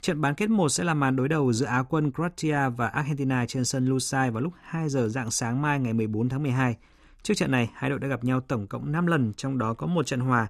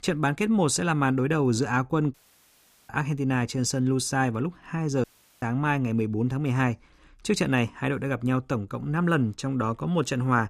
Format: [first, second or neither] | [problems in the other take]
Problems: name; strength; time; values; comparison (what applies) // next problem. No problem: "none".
first | audio cutting out; at 2 s for 1 s and at 5 s